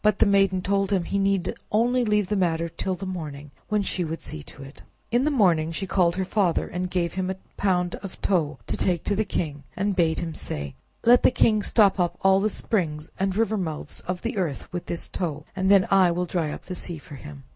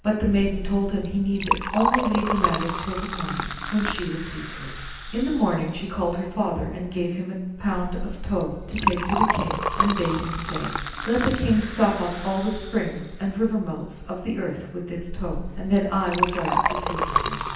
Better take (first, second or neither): first